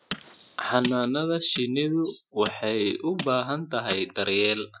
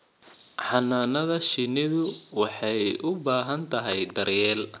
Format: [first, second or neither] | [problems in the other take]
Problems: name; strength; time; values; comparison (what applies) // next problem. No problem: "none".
second | noise reduction (classical method Wiener filter)